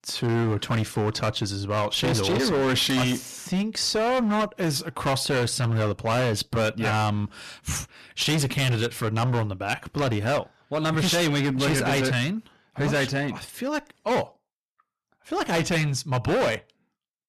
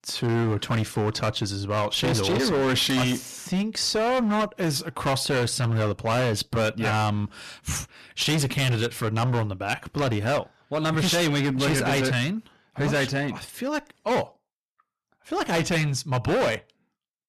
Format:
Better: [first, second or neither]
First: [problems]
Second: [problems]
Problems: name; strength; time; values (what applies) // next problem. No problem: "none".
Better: neither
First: distortion; heavy; 20% of the sound clipped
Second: distortion; heavy; 20% of the sound clipped